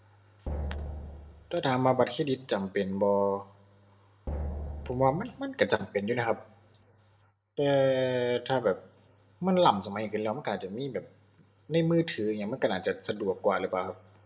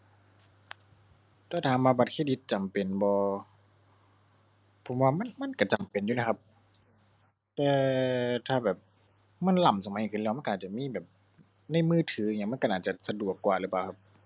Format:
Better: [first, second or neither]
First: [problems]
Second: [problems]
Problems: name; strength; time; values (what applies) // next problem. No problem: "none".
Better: second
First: background sound (Drum); 8 dB below the speech // room echo; dies away in 0.4 s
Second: none